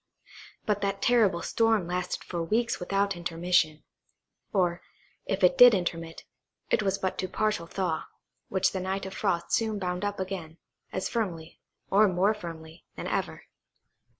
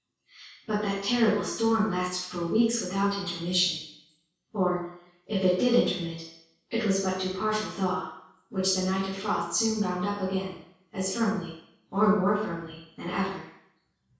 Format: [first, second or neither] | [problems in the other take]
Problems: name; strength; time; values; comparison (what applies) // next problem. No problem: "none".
first | room echo; dies away in 0.6 s